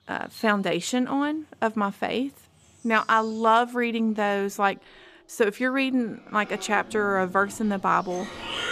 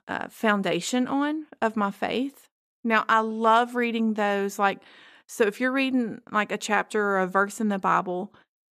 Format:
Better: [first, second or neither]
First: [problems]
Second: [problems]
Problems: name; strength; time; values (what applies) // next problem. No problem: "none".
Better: second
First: animal sounds; noticeable; throughout; 15 dB below the speech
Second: none